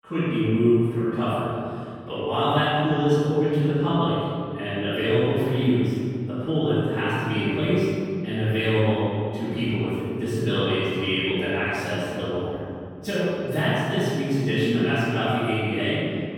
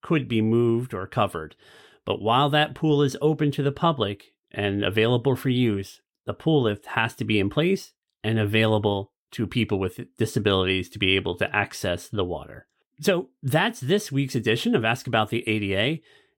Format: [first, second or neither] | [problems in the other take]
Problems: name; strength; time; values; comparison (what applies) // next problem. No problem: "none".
second | off-mic speech; far // room echo; strong; dies away in 2.5 s